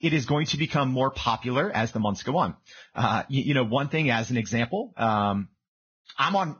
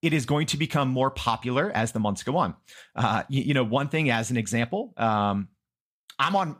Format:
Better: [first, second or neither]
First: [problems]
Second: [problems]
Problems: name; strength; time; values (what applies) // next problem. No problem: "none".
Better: second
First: garbled, watery; badly; nothing above 6.5 kHz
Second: none